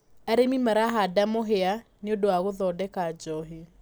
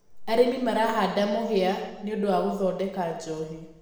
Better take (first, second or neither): first